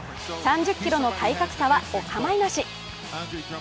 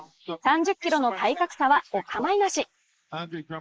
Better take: first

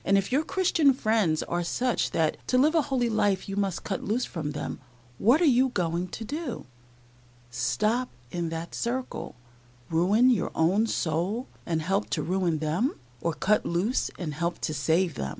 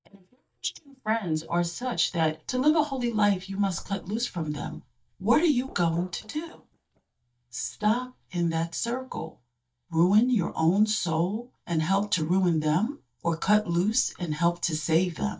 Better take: first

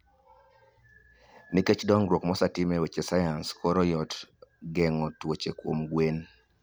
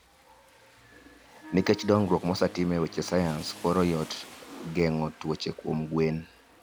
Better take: first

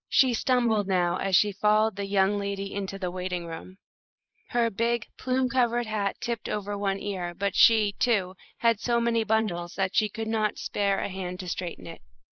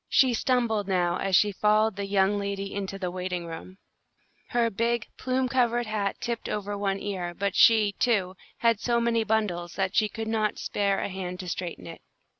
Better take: second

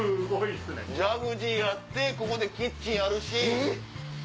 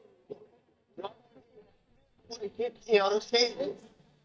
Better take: first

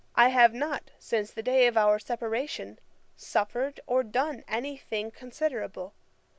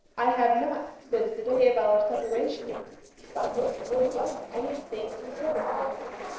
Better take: first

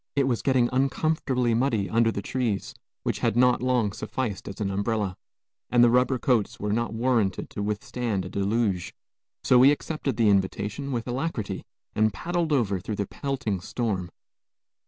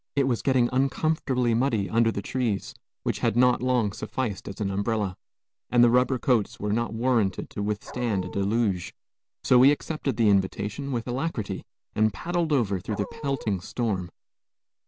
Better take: first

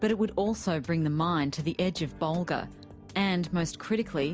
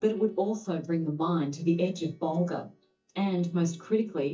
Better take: first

